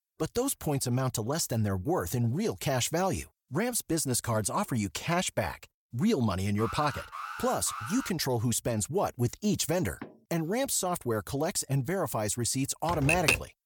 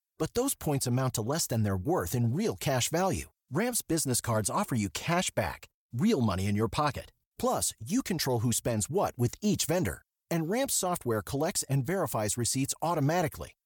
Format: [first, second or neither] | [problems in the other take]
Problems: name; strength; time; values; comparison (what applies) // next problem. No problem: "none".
second | alarm; noticeable; from 6.5 to 8 s; peak 9 dB below the speech // door banging; faint; at 10 s; peak 20 dB below the speech // keyboard typing; loud; at 13 s; peak 5 dB above the speech